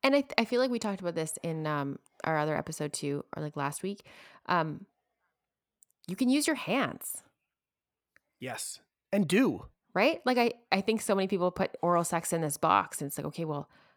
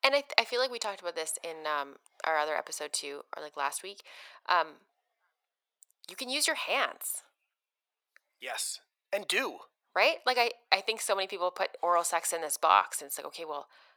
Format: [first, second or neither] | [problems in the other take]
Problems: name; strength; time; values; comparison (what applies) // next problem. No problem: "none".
first | thin; very; fading below 550 Hz